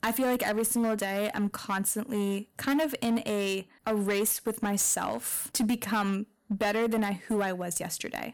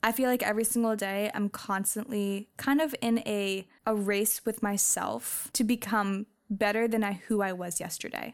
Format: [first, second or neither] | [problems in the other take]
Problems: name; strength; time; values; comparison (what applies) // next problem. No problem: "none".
second | distortion; slight; 10% of the sound clipped